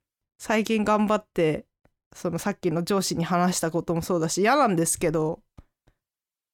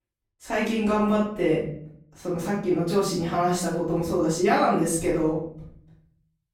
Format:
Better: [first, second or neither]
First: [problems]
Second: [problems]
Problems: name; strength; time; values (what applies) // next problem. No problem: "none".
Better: first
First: none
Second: room echo; noticeable; dies away in 0.6 s // off-mic speech; far